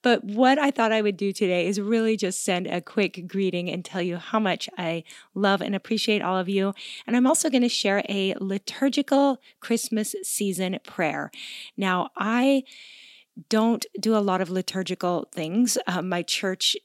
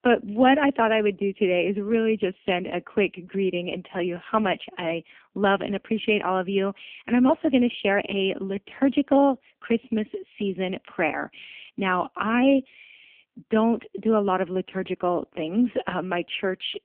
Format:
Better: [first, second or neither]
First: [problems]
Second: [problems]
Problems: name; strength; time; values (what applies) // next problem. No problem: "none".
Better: first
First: none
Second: phone-call audio; poor line; nothing above 3 kHz